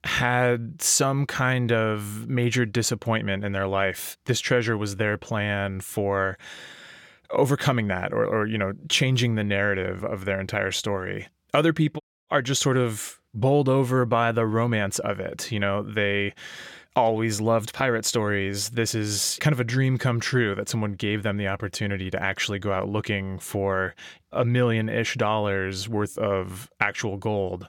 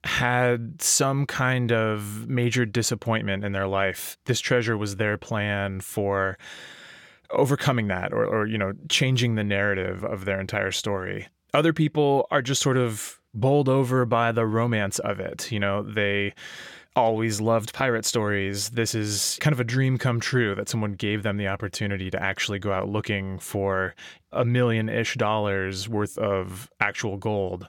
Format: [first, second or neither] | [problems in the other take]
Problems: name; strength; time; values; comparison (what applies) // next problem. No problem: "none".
second | audio cutting out; at 12 s